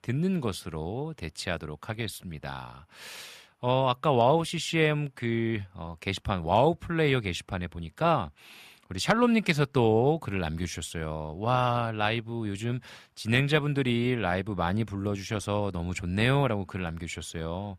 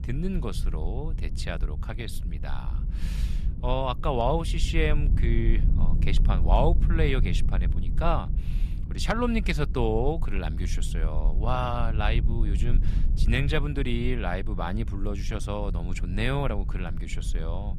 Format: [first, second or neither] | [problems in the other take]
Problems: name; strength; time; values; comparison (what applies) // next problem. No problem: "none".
first | wind noise on the microphone; occasional gusts; 15 dB below the speech